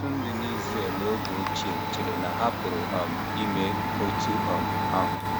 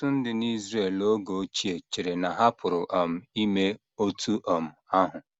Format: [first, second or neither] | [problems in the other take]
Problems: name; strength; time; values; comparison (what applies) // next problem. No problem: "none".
second | background sound (Domestic sounds, home sounds); 3 dB above the speech